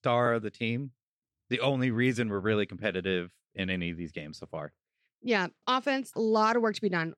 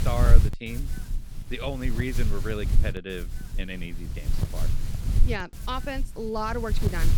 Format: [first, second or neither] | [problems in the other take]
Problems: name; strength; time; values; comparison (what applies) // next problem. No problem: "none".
first | wind noise on the microphone; heavy; 10 dB below the speech